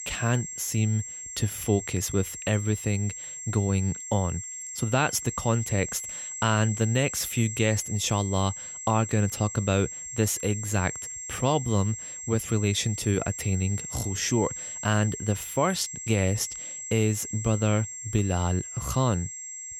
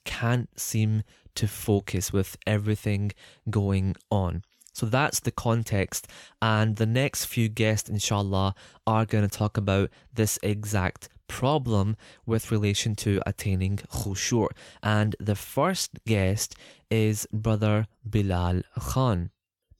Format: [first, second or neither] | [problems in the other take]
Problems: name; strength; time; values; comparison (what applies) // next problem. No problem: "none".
second | high-pitched whine; loud; throughout; 7.5 kHz, 7 dB below the speech